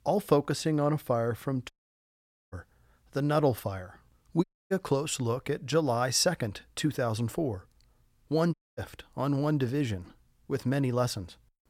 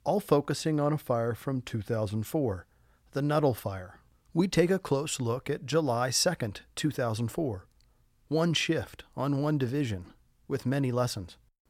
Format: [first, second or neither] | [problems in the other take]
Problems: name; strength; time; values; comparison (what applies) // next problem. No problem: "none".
second | audio cutting out; at 1.5 s for 1 s, at 4.5 s and at 8.5 s